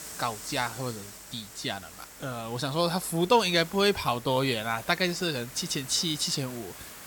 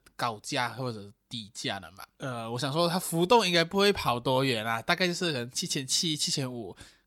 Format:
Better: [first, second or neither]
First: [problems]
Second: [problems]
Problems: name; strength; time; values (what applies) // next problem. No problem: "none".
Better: second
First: hiss; noticeable; throughout; 15 dB below the speech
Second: none